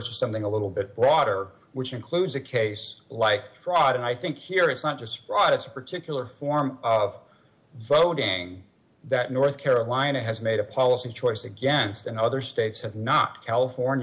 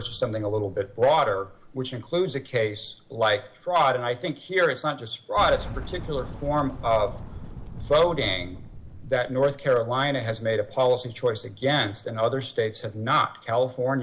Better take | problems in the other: first | background sound (Boom); 15 dB below the speech

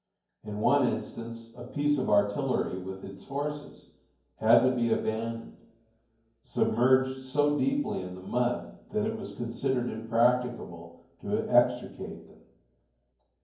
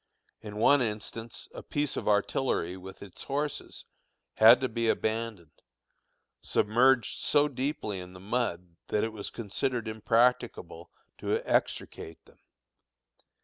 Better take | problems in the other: second | room echo; dies away in 0.9 s

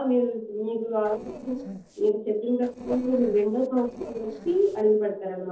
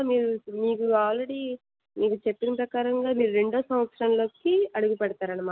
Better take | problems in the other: second | noise reduction (neural separator model SepFormer DNS4)

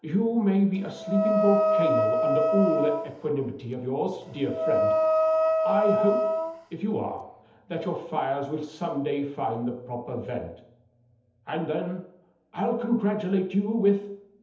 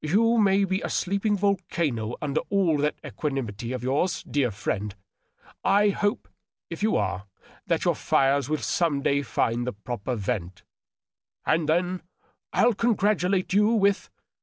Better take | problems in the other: second | background sound (Wind instrument, woodwind instrument); 3 dB above the speech // room echo; dies away in 0.8 s

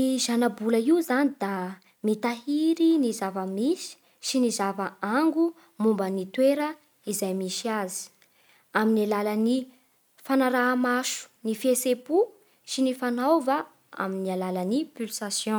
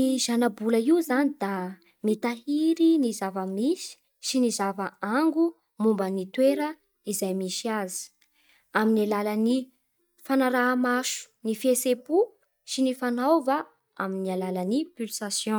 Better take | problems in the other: first | noise reduction (neural mask model DeepFilterNet 3)

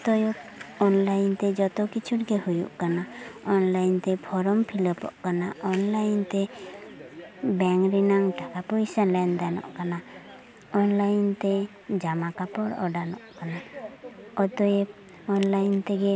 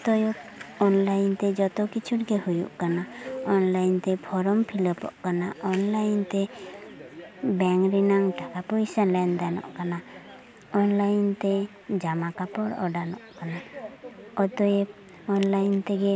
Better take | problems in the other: first | background sound (Wind instrument, woodwind instrument); 12 dB below the speech

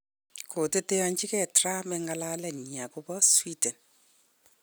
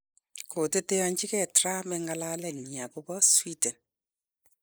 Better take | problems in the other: first | noise reduction (neural mask model Resemble Enhance denoiser)

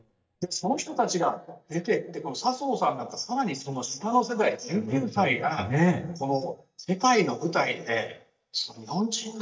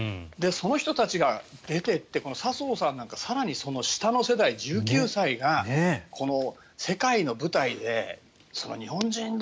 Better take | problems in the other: second | noise reduction (neural mask model DeepFilterNet 3)

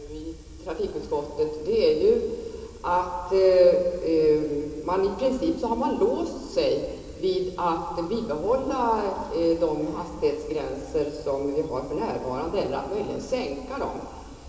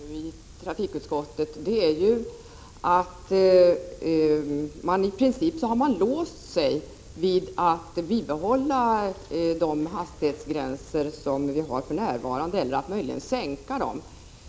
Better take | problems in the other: second | room echo; dies away in 2.5 s

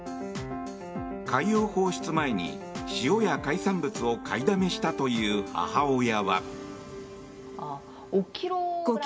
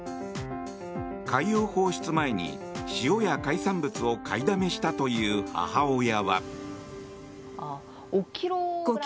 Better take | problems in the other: second | room echo; dies away in 1.2 s

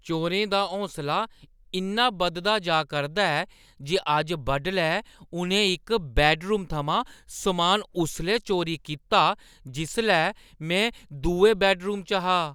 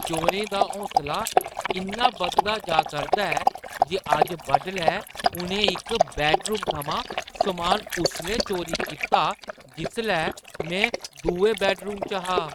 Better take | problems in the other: first | noise reduction (neural mask model RNNoise)

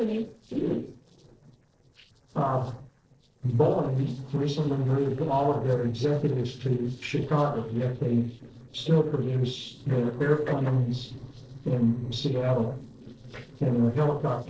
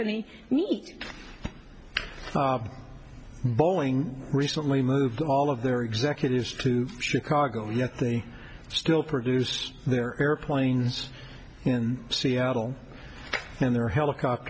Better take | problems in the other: second | noise reduction (neural separator model SepFormer DNS4)

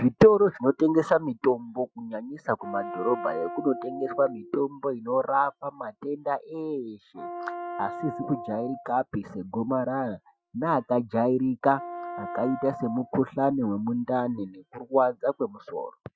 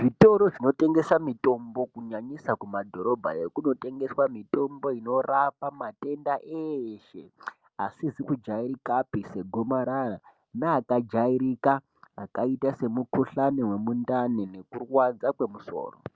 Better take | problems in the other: second | noise reduction (classical method Wiener filter)

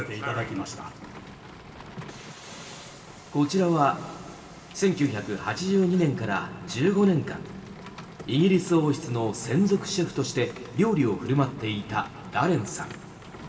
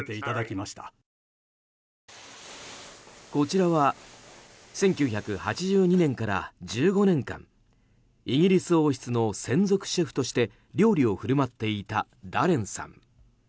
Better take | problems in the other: second | background sound (Rain); 17 dB below the speech // room echo; dies away in 2.5 s

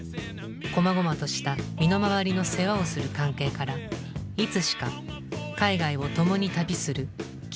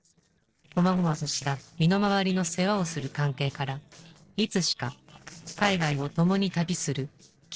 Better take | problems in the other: first | noise reduction (neural separator model SepFormer DNS4)

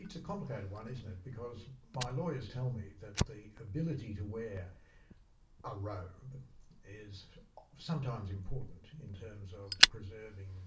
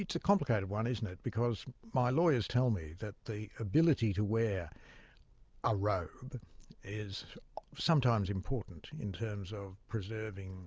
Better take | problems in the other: second | background sound (Fire); 2 dB above the speech // room echo; dies away in 0.3 s

